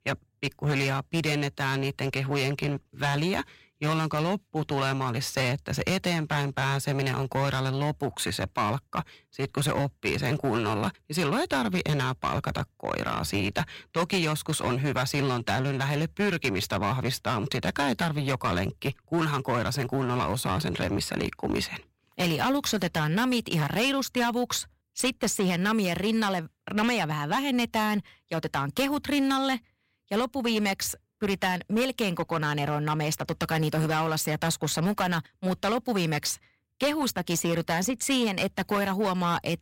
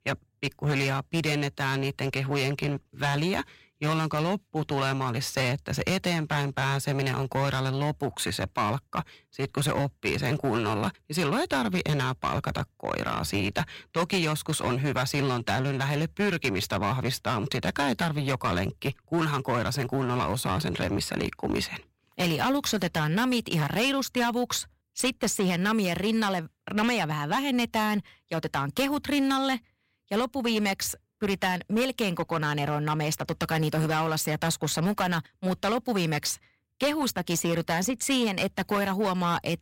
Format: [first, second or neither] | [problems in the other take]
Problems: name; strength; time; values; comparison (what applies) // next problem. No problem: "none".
neither | distortion; slight; 13% of the sound clipped; the same in both